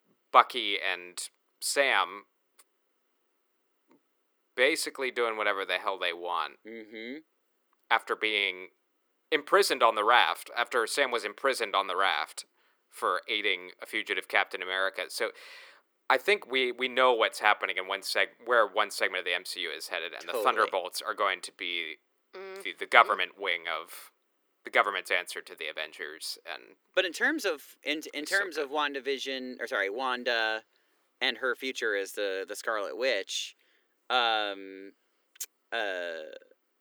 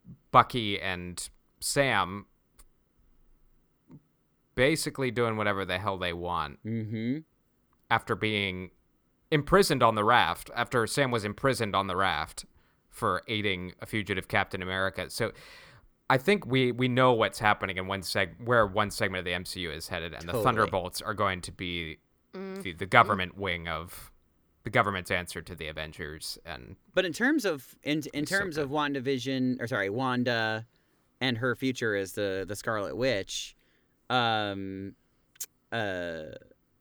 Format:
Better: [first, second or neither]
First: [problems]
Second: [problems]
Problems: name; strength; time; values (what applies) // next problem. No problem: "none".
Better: second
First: thin; somewhat; fading below 350 Hz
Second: none